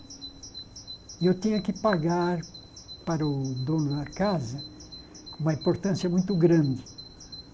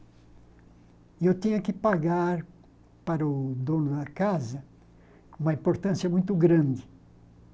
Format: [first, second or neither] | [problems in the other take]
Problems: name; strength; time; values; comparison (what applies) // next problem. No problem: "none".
second | background sound (Bird vocalization, bird call, bird song); 17 dB below the speech